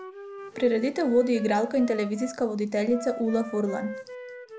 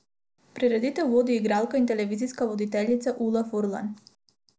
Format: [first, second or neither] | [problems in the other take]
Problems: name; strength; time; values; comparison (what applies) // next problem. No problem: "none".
second | background sound (Wind instrument, woodwind instrument); 14 dB below the speech